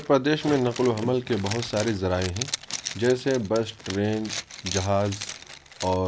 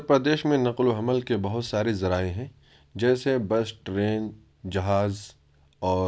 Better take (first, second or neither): second